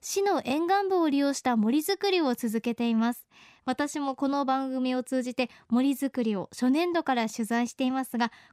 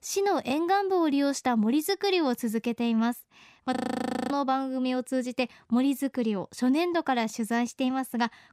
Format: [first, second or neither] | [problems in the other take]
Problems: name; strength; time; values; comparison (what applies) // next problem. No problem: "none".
first | audio freezing; at 4 s for 0.5 s